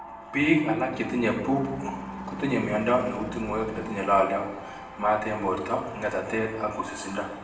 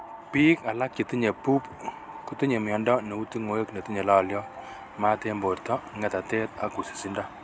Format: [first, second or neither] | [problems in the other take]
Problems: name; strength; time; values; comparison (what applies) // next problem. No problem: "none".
second | background sound (Car passing by / Engine / Truck); 15 dB below the speech // room echo; dies away in 0.8 s